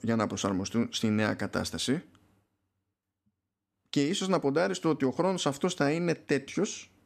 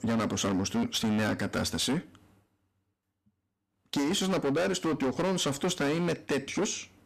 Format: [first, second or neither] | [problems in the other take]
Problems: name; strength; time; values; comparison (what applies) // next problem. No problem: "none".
first | distortion; heavy; 17% of the sound clipped